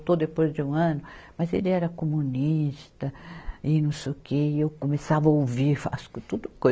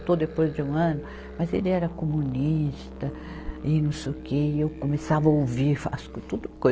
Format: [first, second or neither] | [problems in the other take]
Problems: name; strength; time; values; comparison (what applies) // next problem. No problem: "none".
first | background sound (Musical instrument); 14 dB below the speech